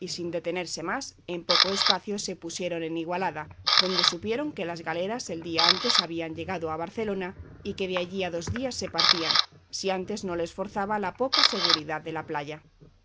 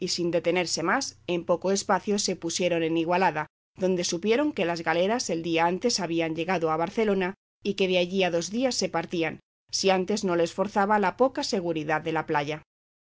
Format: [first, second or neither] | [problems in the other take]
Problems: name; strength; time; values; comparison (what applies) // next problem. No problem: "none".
second | background sound (Camera); 1 dB above the speech